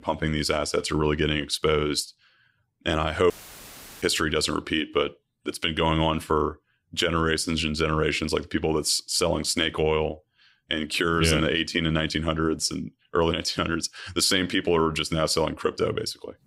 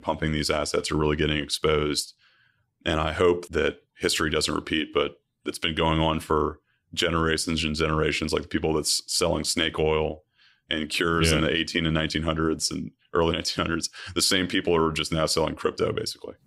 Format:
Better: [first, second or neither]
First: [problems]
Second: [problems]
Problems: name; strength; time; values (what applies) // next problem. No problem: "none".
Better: second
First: audio cutting out; filled with static; at 3.5 s for 0.5 s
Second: none